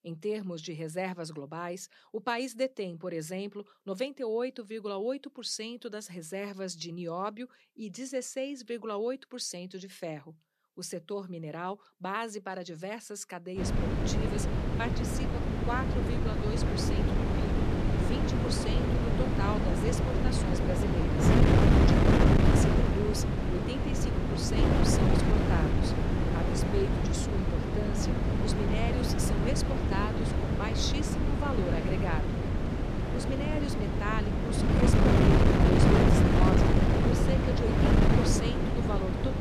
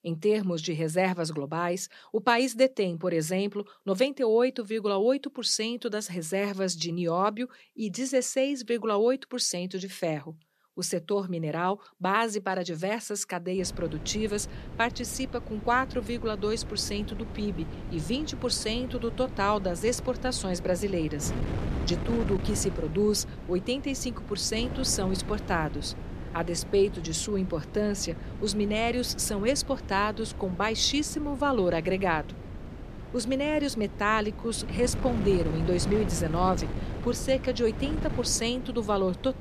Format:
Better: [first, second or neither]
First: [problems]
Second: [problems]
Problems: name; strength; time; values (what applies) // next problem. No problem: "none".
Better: second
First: wind noise on the microphone; heavy; from 14 s on; 5 dB above the speech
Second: wind noise on the microphone; occasional gusts; from 14 s on; 15 dB below the speech